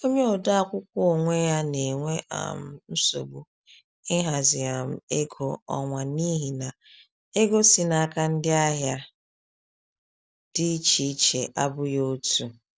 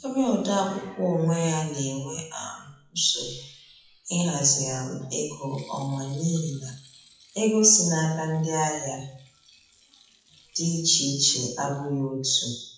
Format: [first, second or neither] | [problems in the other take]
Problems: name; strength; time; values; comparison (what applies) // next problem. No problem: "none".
first | noise reduction (classical method WPE with log-MMSE)